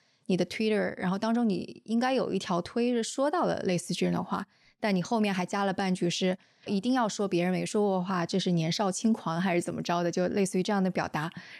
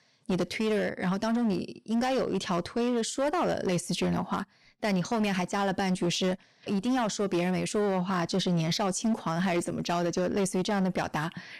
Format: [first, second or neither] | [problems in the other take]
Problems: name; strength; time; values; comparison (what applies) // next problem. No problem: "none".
first | distortion; slight; 14% of the sound clipped